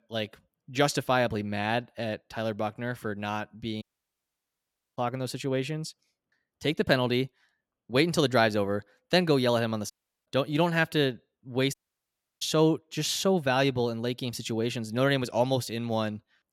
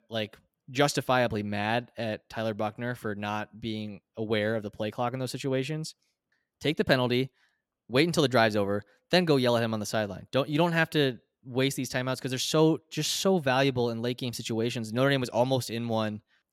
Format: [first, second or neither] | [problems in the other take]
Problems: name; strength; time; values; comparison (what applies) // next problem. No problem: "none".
second | audio cutting out; at 4 s for 1 s, at 10 s and at 12 s for 0.5 s